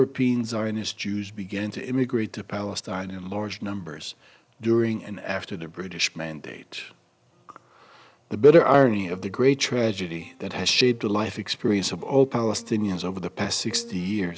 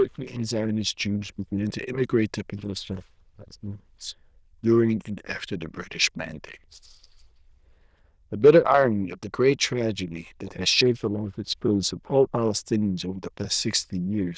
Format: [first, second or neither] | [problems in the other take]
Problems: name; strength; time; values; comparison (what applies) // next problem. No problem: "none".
first | noise reduction (neural diffusion model UNIVERSE++)